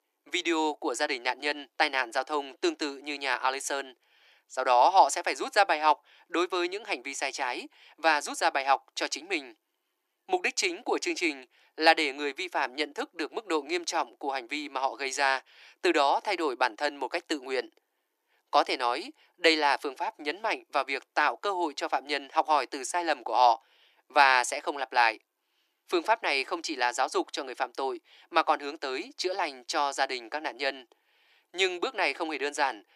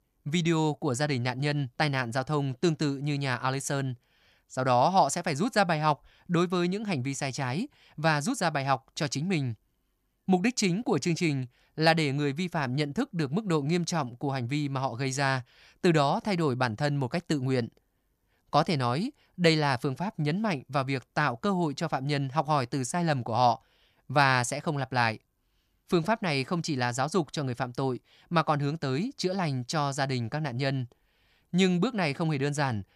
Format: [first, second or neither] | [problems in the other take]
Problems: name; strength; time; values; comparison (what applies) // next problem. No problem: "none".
second | thin; very; fading below 300 Hz